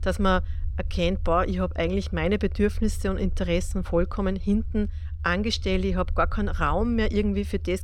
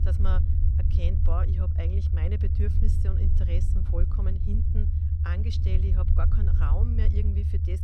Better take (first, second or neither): first